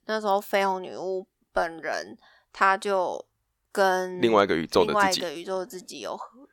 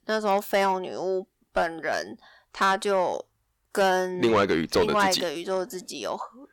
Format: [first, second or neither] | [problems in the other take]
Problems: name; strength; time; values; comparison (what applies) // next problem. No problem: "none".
first | distortion; slight; 10 dB below the speech